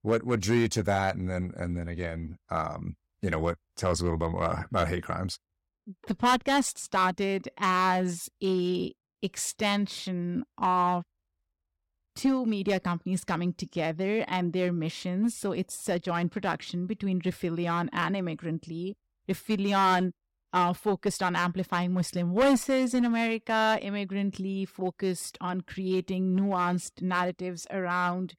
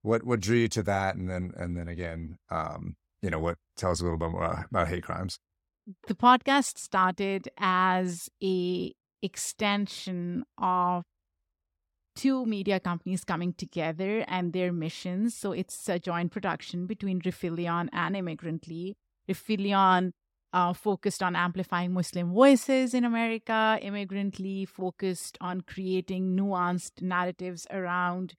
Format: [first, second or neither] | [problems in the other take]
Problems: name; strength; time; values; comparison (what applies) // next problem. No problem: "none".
second | distortion; slight; 3% of the sound clipped